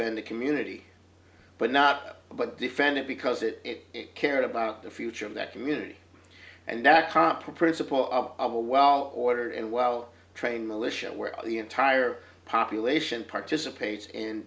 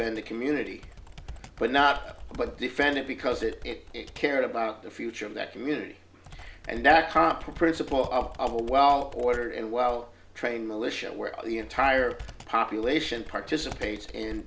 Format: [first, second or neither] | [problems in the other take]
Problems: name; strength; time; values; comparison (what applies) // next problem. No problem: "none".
first | background sound (Computer keyboard); 16 dB below the speech